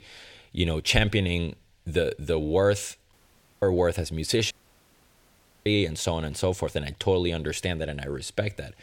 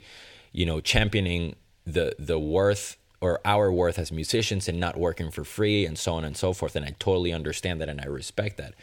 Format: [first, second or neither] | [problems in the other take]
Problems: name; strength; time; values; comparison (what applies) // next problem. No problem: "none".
second | audio cutting out; at 3 s and at 4.5 s for 1 s